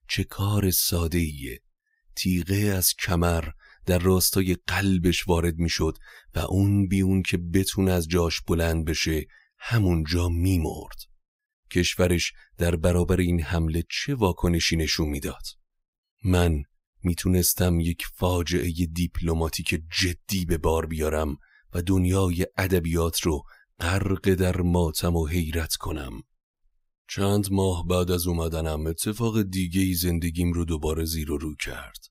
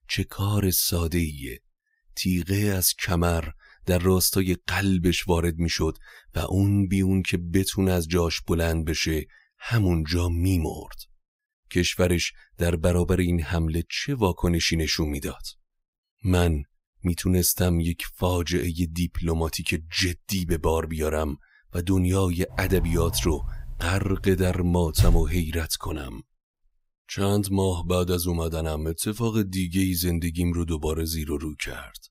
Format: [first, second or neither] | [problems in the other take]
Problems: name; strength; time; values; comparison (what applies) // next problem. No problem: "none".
first | door banging; loud; from 23 to 25 s; peak 1 dB above the speech